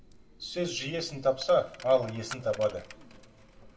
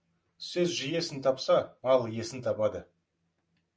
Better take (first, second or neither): second